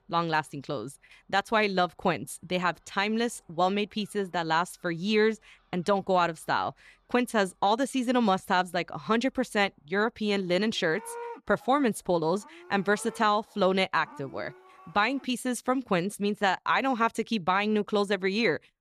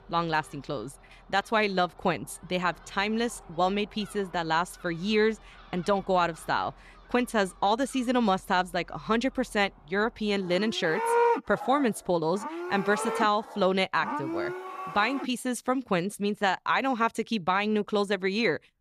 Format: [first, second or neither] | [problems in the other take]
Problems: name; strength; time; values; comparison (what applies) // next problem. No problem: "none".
first | animal sounds; loud; throughout; 5 dB below the speech; faint in the first